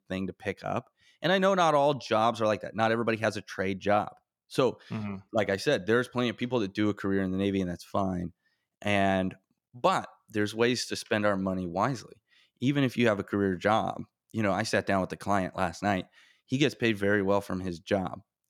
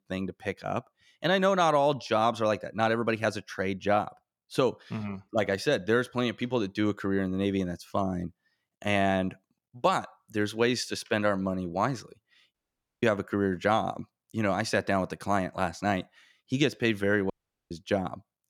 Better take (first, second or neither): first